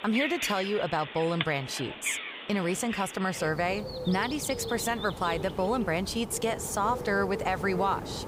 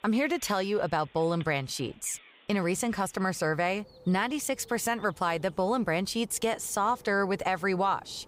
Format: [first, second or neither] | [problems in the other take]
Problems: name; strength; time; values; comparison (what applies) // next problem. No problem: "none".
second | animal sounds; loud; throughout; 7 dB below the speech; faint in the second